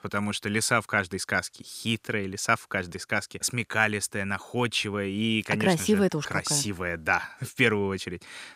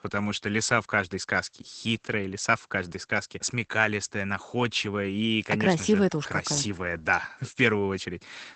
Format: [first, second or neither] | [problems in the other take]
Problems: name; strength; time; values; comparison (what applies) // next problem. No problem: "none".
first | garbled, watery; badly; nothing above 8 kHz